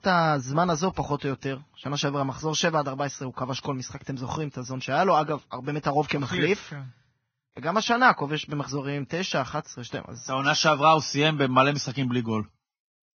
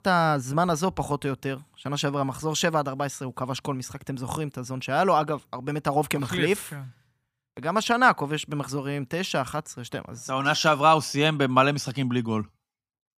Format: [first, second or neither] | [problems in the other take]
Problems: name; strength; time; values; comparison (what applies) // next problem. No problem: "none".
second | garbled, watery; badly; nothing above 6.5 kHz